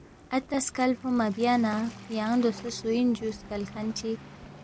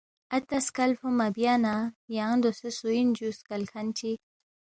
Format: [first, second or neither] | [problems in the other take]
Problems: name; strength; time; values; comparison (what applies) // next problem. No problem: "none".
second | background sound (Waves, surf); 17 dB below the speech